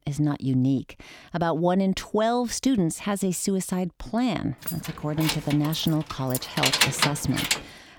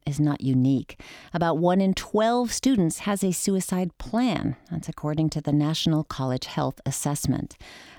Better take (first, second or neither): second